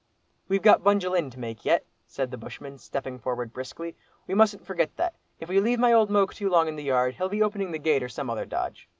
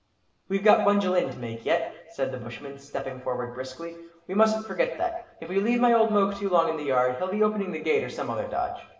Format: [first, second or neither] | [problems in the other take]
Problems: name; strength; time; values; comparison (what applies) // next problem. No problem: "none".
first | room echo; dies away in 0.8 s